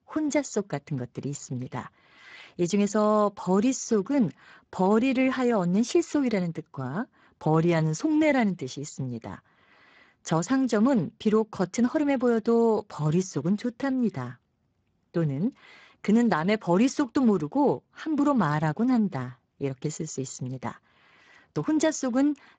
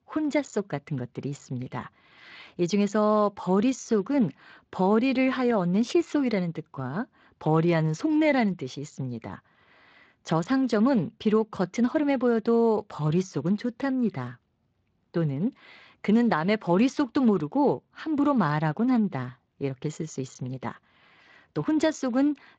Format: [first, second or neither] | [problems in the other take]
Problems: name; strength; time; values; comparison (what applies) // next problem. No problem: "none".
second | garbled, watery; badly; nothing above 7.5 kHz; slightly in the second